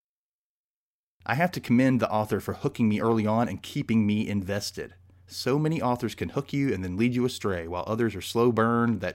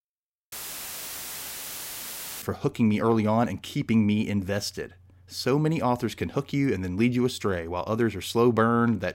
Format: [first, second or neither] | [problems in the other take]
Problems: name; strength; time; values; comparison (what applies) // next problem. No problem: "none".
first | audio cutting out; filled with static; at 0.5 s for 2 s